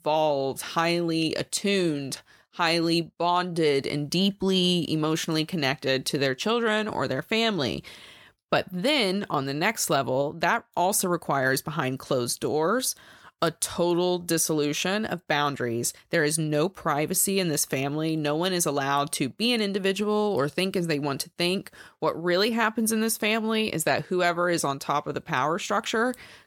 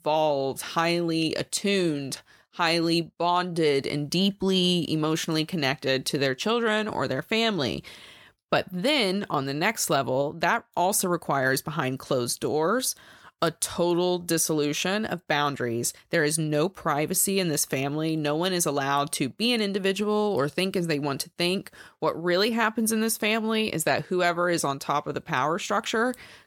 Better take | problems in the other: neither | none

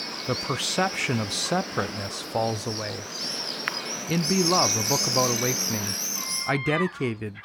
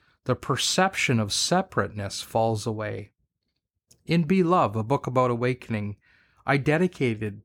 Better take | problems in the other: second | animal sounds; very loud; throughout; 1 dB above the speech

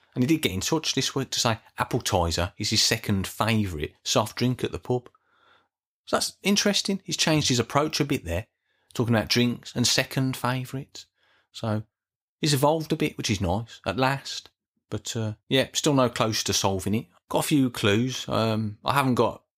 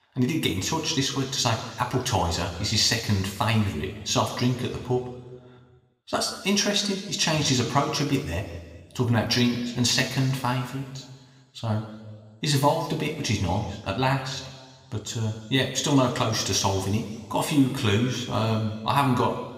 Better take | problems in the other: first | room echo; slight; dies away in 1.4 s

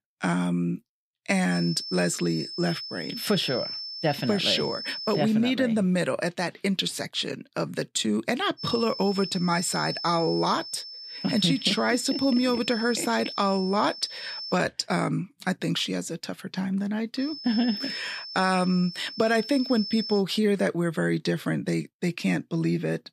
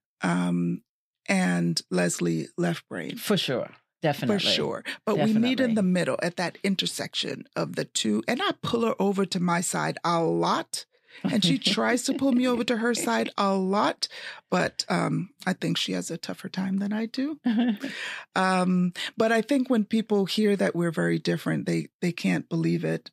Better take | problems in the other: second | high-pitched whine; loud; from 1.5 to 5 s, from 8.5 to 15 s and from 17 to 20 s; 5.5 kHz, 8 dB below the speech

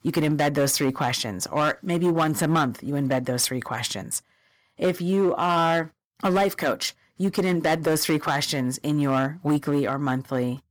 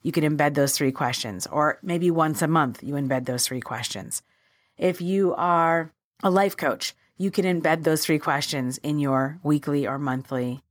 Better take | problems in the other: second | distortion; slight; 8% of the sound clipped

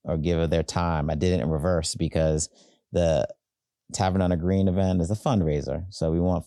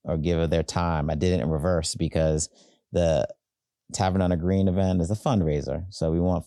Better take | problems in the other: neither | none

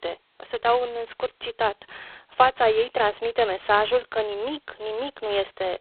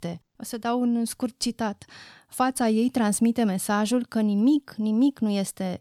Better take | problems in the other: second | phone-call audio; poor line; nothing above 4 kHz

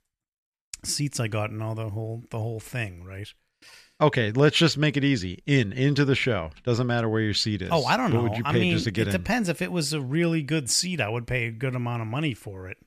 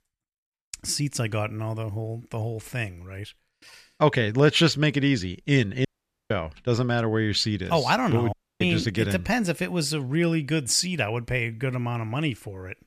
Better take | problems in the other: first | audio cutting out; at 6 s and at 8.5 s

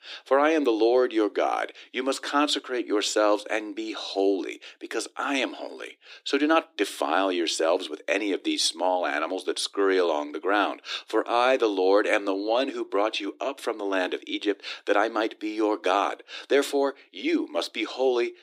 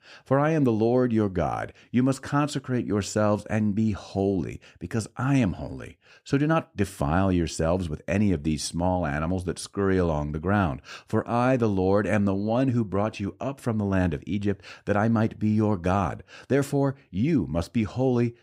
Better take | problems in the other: second | thin; somewhat; fading below 300 Hz

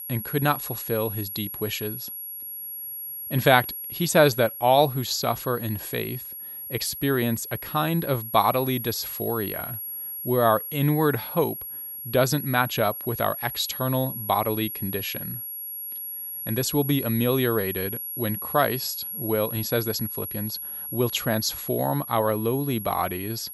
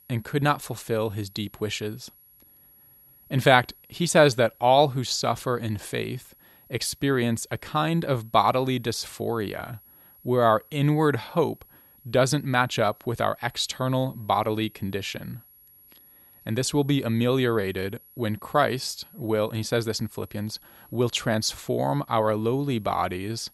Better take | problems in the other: second | high-pitched whine; loud; throughout; 11.5 kHz, 7 dB below the speech; faint in the second

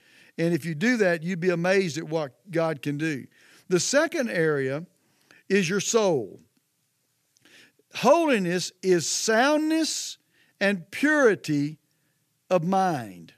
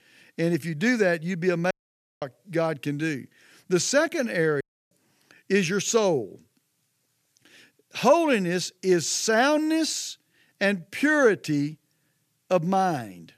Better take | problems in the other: first | audio cutting out; at 1.5 s for 0.5 s and at 4.5 s

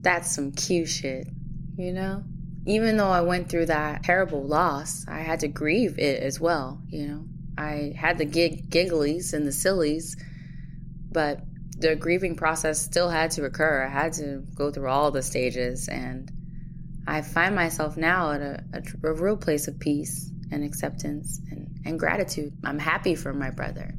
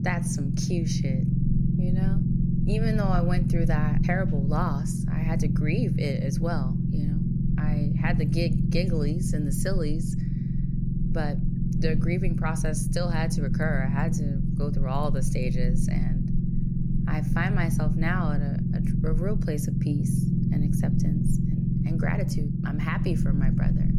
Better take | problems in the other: first | low rumble; loud; throughout; 2 dB below the speech; faint in the first

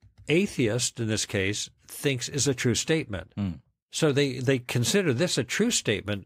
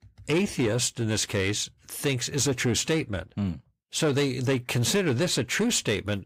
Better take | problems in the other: first | distortion; slight; 10 dB below the speech

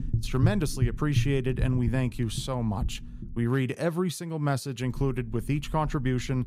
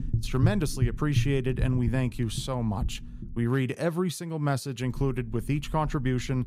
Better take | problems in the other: neither | low rumble; noticeable; until 3.5 s and from 5 s on; 15 dB below the speech; the same in both

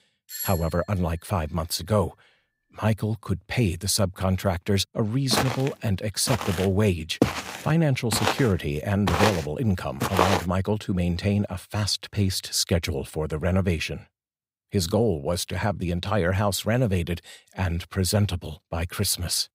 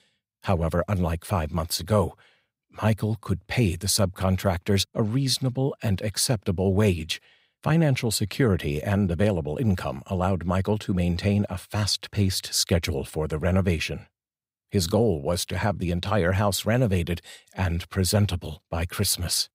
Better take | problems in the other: second | doorbell; noticeable; at 0.5 s; peak 6 dB below the speech // footsteps; loud; from 5.5 to 10 s; peak 2 dB above the speech

